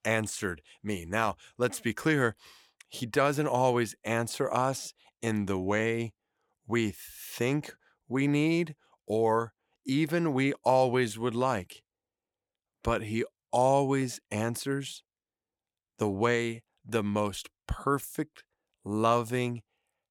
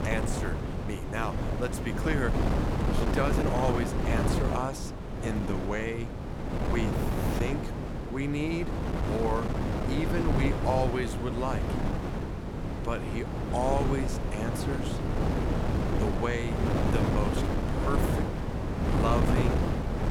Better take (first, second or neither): first